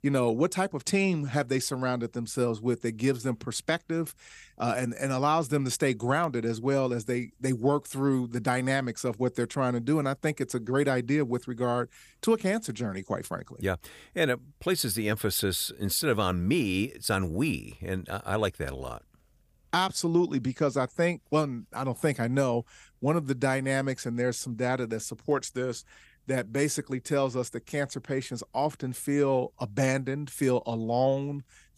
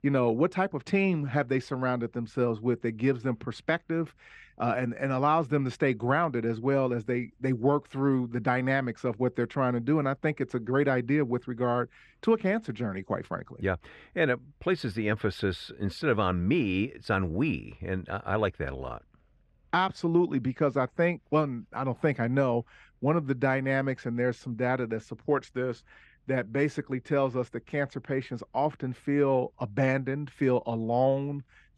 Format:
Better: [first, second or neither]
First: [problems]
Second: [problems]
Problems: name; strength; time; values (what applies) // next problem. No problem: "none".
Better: first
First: none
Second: muffled; slightly; fading above 2 kHz